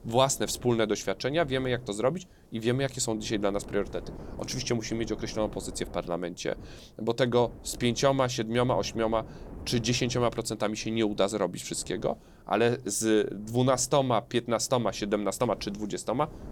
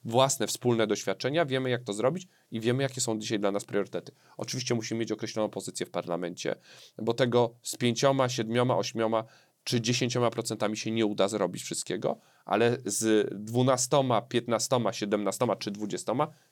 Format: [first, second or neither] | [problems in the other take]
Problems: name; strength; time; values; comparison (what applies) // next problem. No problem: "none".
second | wind noise on the microphone; occasional gusts; 25 dB below the speech